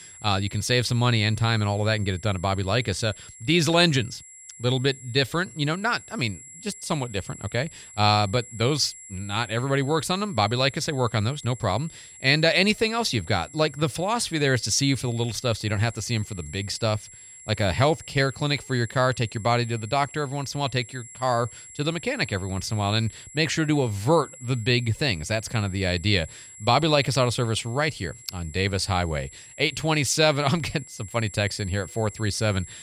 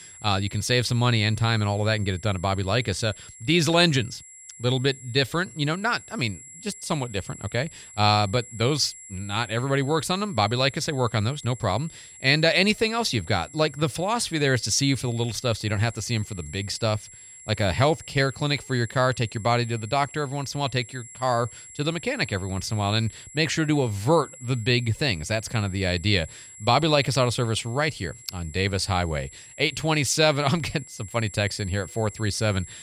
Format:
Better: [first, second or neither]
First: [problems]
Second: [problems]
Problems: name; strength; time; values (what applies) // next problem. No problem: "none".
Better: neither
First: high-pitched whine; noticeable; throughout; 7.5 kHz, 20 dB below the speech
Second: high-pitched whine; noticeable; throughout; 7.5 kHz, 20 dB below the speech